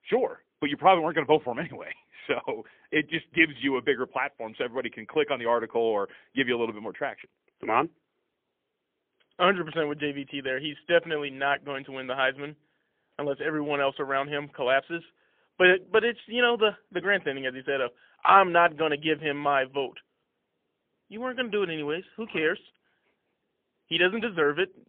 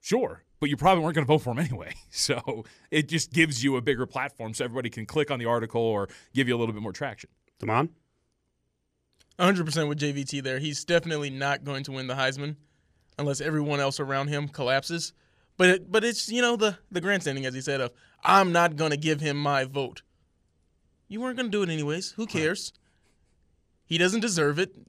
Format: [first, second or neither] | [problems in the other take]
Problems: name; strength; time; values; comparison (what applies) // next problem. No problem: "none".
second | phone-call audio; poor line; nothing above 3.5 kHz